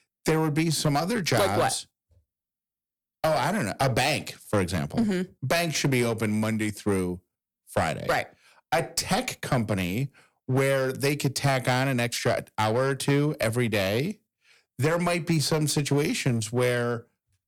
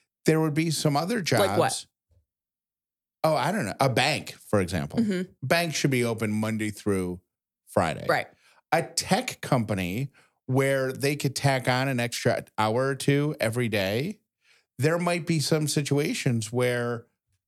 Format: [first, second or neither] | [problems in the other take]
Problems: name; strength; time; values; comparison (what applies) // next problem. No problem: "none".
second | distortion; slight; 8% of the sound clipped